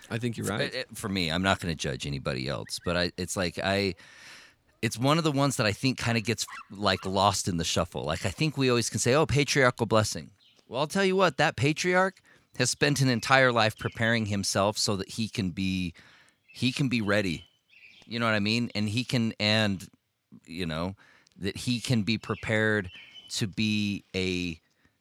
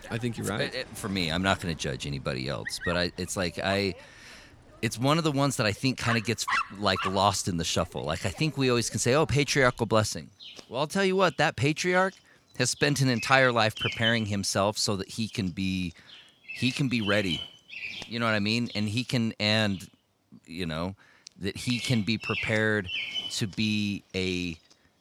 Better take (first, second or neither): first